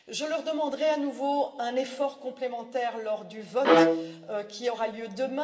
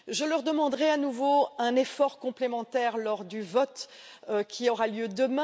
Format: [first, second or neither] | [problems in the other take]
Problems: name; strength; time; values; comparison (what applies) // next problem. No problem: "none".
second | background sound (Bowed string instrument); 5 dB above the speech // room echo; dies away in 1.1 s